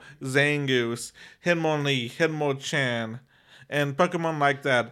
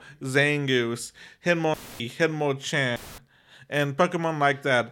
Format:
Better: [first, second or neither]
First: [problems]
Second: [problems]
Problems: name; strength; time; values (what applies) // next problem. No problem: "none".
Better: first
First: none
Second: audio cutting out; filled with static; at 1.5 s and at 3 s